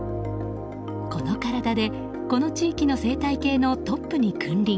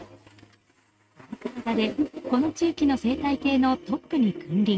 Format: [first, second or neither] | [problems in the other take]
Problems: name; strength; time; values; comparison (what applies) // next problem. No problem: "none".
first | noise reduction (neural mask model RNNoise)